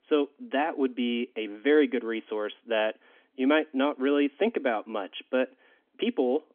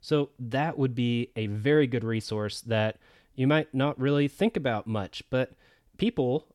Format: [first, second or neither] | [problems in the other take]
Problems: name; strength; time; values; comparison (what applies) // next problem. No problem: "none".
second | phone-call audio; nothing above 3.5 kHz